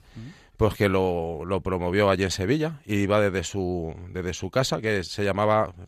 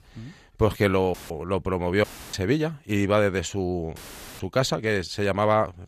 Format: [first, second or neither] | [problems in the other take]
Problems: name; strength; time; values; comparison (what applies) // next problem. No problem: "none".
first | audio cutting out; filled with static; at 1 s, at 2 s and at 4 s